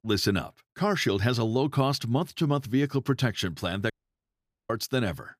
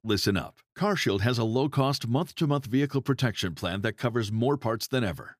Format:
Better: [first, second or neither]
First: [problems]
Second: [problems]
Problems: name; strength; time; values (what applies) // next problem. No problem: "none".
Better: second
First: audio cutting out; at 4 s for 1 s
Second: none